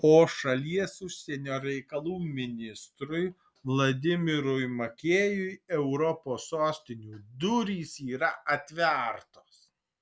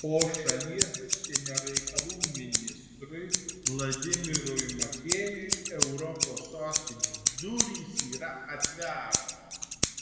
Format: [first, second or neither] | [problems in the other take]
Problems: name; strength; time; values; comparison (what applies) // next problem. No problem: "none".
first | background sound (Scissors); 4 dB above the speech // room echo; dies away in 1.5 s